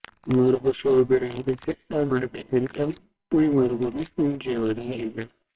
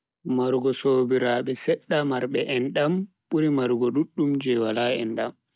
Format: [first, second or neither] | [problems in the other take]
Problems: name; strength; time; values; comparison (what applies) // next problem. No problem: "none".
second | noise reduction (neural separator model SepFormer WHAMR!)